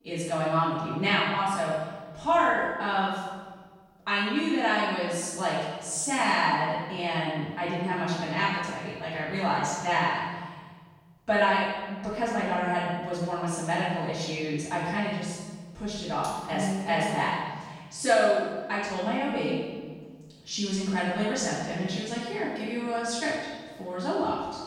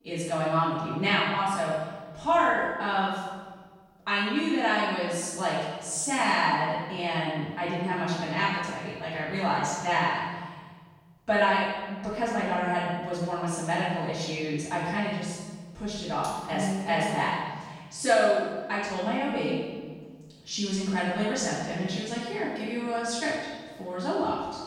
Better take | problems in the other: neither | room echo; strong; dies away in 1.4 s; the same in both // off-mic speech; far; the same in both

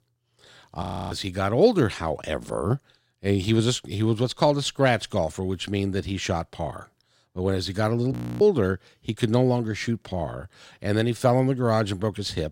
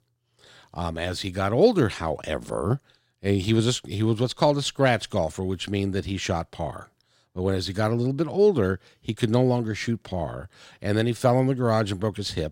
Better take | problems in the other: second | audio freezing; at 1 s and at 8 s

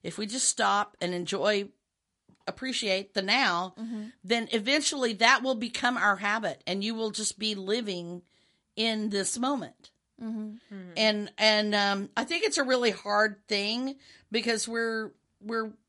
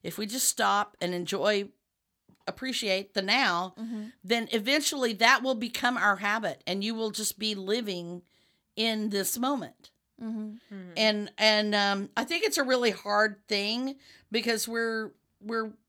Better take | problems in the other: second | garbled, watery; slightly; nothing above 10.5 kHz

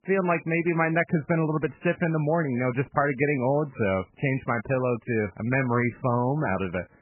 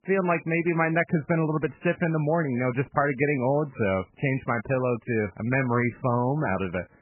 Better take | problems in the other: neither | garbled, watery; badly; nothing above 2.5 kHz; the same in both

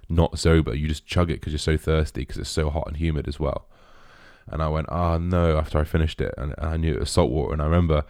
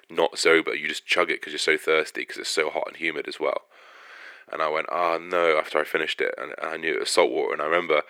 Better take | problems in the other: first | thin; very; fading below 400 Hz

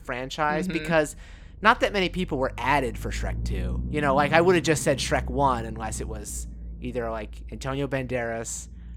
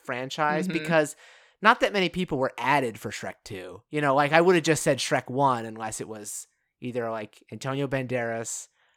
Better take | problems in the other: second | low rumble; faint; throughout; 25 dB below the speech

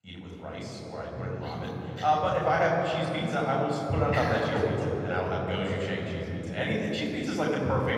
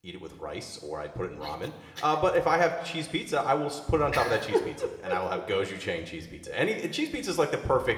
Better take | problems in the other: second | room echo; strong; dies away in 3 s; slight in the second // off-mic speech; far

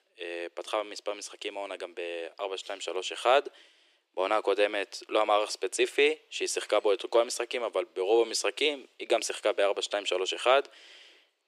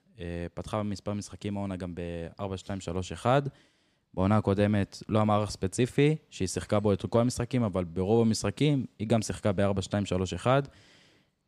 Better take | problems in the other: second | thin; very; fading below 350 Hz

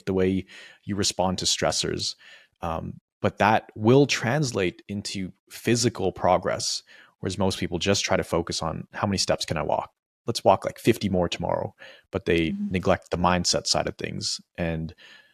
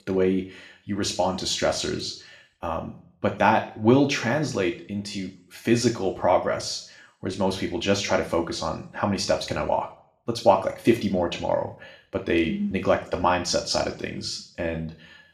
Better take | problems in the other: first | room echo; slight; dies away in 0.4 s // off-mic speech; somewhat distant

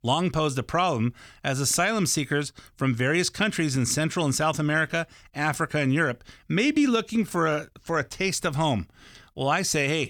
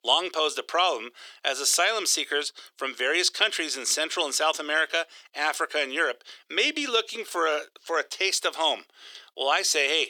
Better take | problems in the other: first | thin; very; fading below 350 Hz

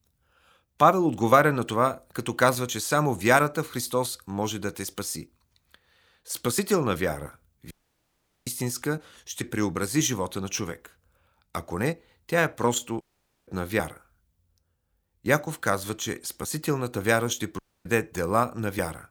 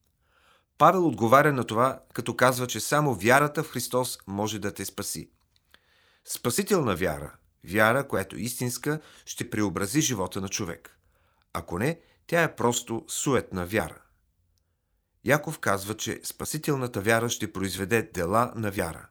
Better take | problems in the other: second | audio cutting out; at 7.5 s for 1 s, at 13 s and at 18 s

